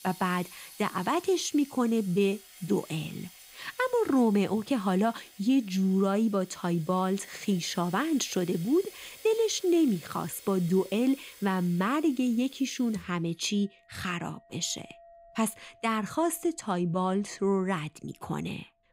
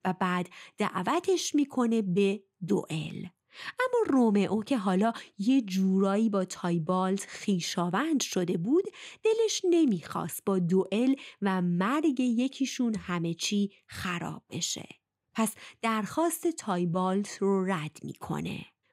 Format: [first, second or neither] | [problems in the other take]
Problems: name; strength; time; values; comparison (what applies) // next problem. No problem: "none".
second | household noises; faint; throughout; 20 dB below the speech